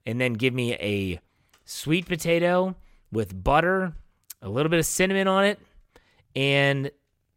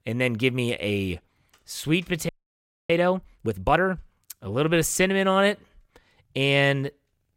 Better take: first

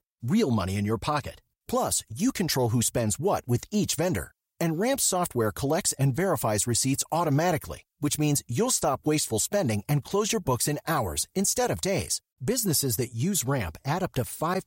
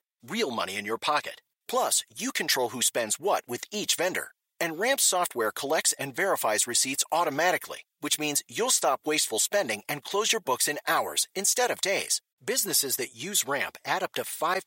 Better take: first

